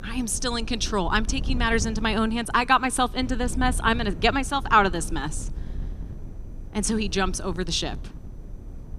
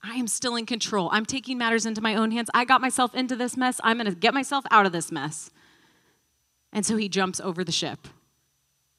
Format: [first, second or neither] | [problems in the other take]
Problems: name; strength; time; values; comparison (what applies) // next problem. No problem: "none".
second | wind noise on the microphone; occasional gusts; 25 dB below the speech